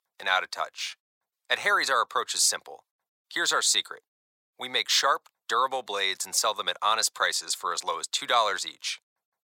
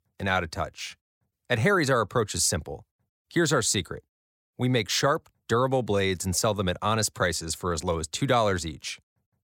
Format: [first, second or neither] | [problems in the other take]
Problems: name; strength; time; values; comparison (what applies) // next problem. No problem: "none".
second | thin; very; fading below 900 Hz